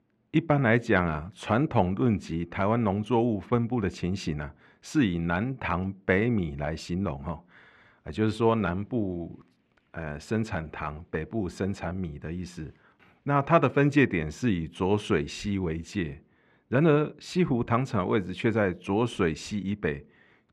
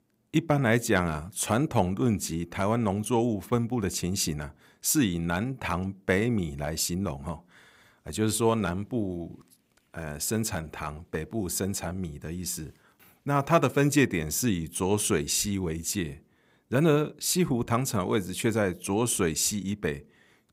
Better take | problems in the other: second | muffled; very; fading above 2.5 kHz

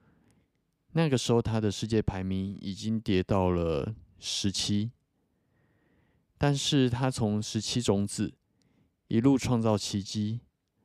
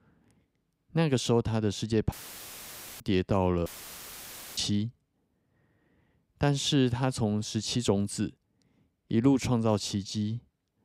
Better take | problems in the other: first | audio cutting out; filled with static; at 2 s for 1 s and at 3.5 s for 1 s

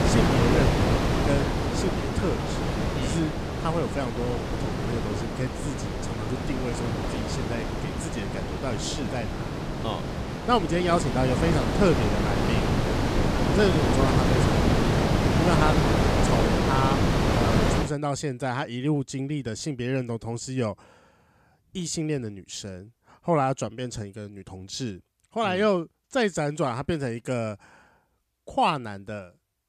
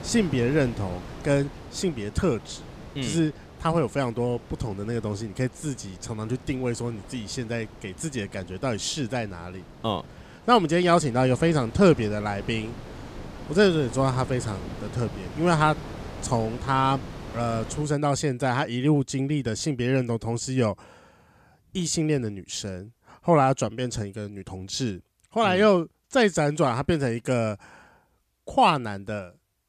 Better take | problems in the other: second | wind noise on the microphone; heavy; until 18 s; 1 dB above the speech; occasional gusts in the second

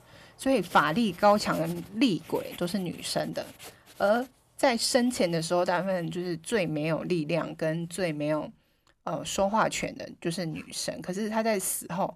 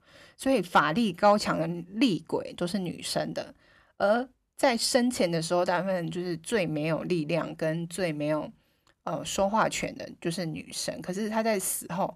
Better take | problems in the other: second | household noises; faint; throughout; 20 dB below the speech

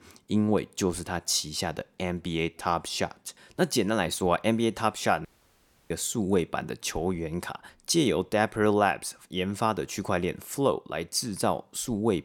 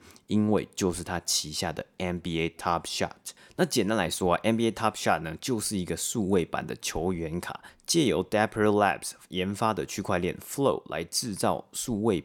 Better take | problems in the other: second | audio cutting out; at 5.5 s for 0.5 s

